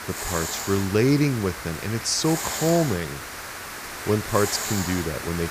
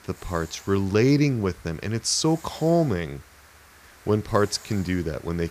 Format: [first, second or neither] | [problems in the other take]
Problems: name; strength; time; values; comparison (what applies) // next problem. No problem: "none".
second | hiss; loud; throughout; 6 dB below the speech; faint in the second